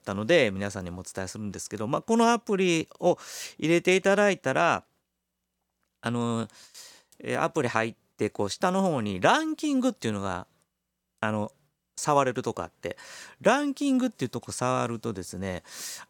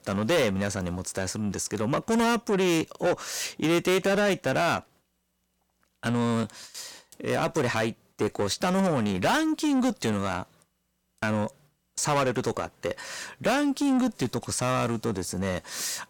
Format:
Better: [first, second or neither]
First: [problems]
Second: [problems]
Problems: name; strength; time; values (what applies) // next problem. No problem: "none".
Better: first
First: none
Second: distortion; heavy; 6 dB below the speech